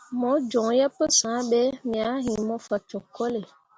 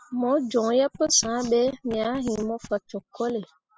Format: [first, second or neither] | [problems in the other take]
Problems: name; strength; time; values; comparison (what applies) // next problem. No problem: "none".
first | noise reduction (classical method spectral subtraction)